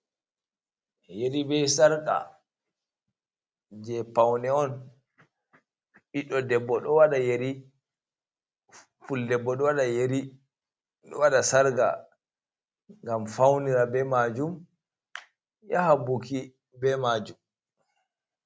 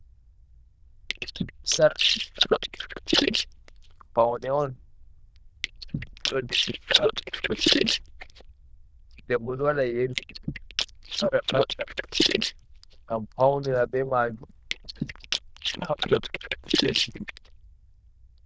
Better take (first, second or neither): first